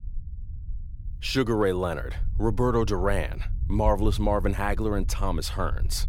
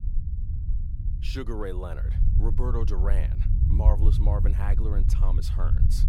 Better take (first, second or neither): first